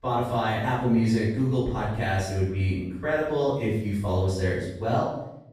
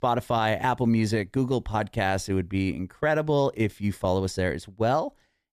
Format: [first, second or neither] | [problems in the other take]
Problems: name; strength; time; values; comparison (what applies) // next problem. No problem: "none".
second | room echo; strong; dies away in 0.7 s // off-mic speech; far